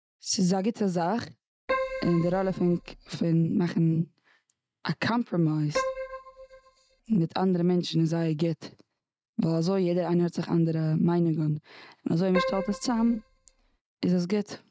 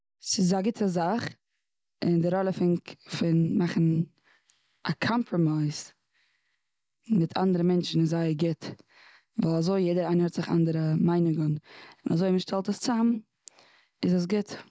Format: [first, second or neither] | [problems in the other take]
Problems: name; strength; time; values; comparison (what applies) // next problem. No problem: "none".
second | noise reduction (neural mask model RNNoise)